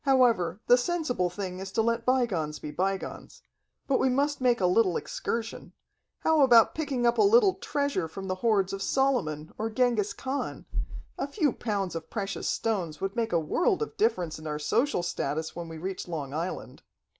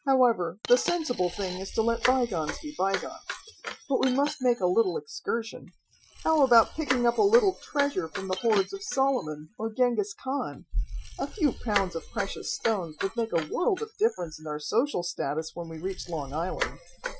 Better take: first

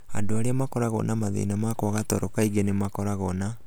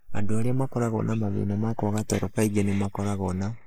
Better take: first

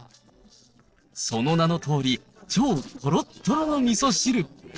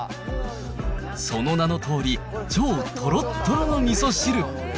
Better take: second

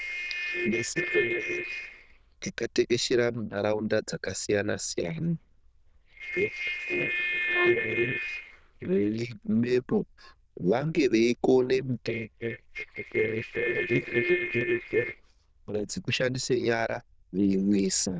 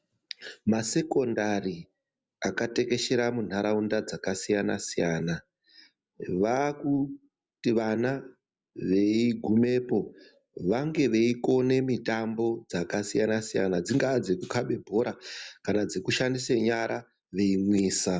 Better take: second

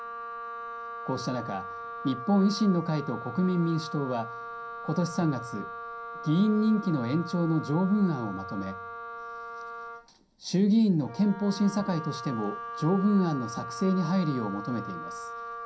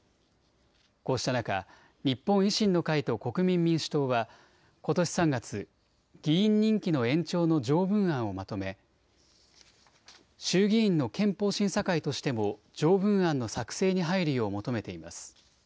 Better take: second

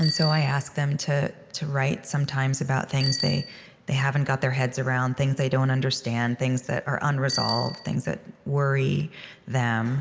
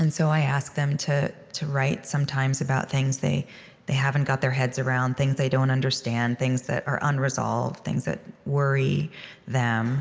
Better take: second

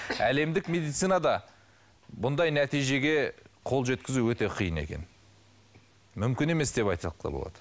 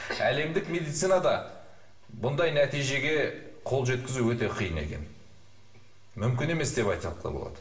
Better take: first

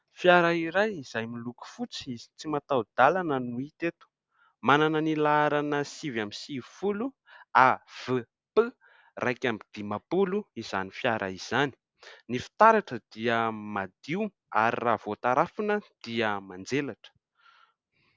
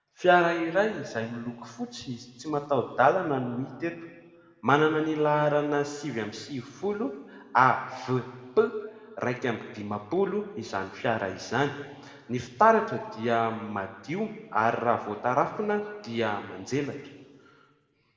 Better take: first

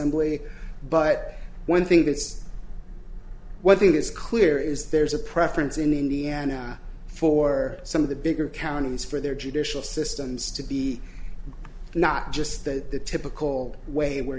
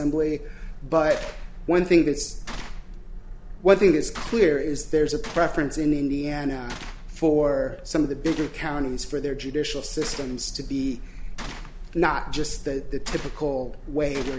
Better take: first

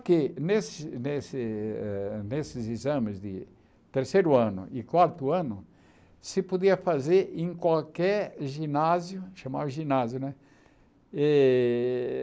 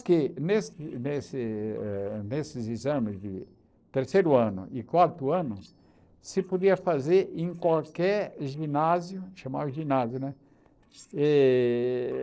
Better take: first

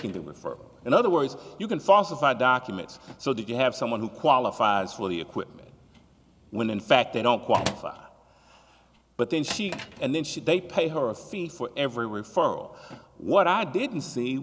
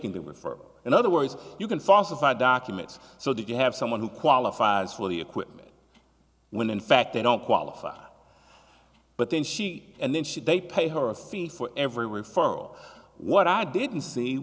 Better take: second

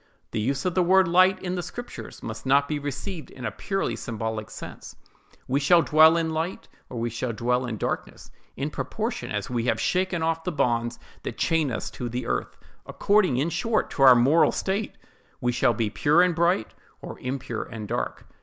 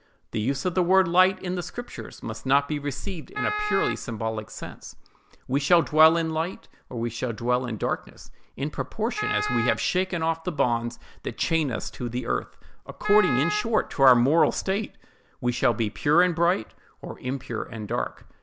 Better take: first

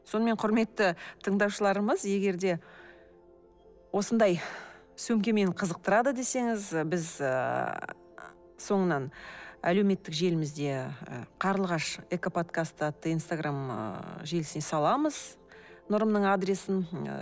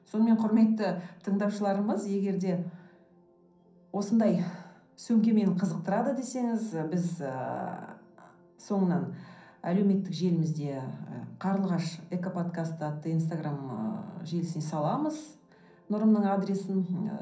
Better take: first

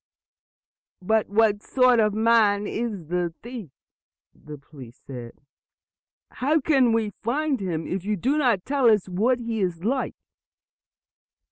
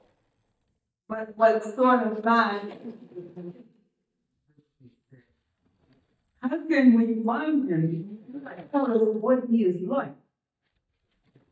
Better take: first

